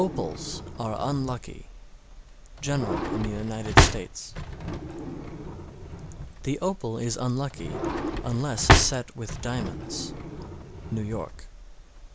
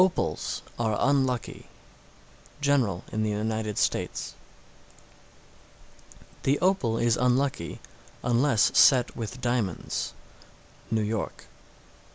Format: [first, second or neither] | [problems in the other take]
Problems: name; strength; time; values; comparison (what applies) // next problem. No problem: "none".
second | background sound (Drawer open or close); 3 dB above the speech